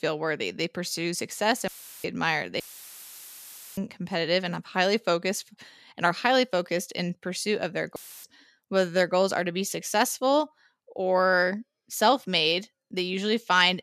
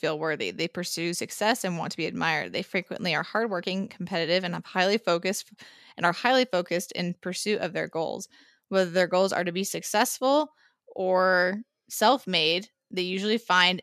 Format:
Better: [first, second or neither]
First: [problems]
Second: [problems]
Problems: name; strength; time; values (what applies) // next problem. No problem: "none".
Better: second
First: audio cutting out; filled with static; at 1.5 s, at 2.5 s for 1 s and at 8 s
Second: none